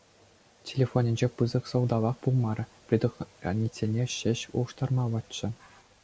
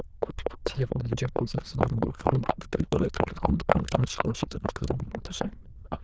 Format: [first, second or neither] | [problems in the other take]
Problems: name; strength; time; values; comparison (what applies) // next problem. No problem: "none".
first | noise reduction (neural diffusion model UNIVERSE++)